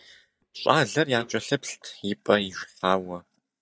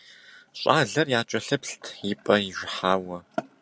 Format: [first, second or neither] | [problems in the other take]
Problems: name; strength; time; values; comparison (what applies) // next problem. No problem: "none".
second | noise reduction (neural mask model DeepFilterNet 3)